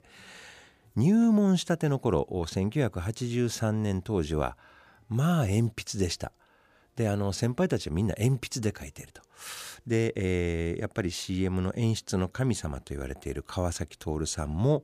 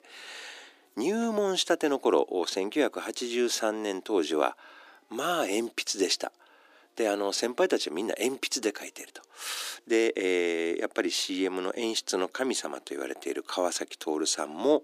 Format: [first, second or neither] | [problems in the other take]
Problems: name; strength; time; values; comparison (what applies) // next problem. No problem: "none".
first | thin; somewhat; fading below 300 Hz